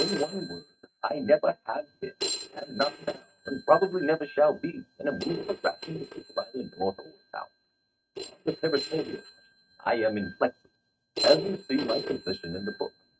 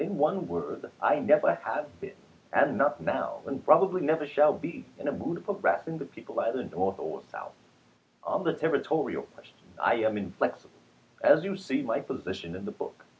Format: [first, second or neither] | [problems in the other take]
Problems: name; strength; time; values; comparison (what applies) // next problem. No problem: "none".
second | noise reduction (neural mask model RNNoise)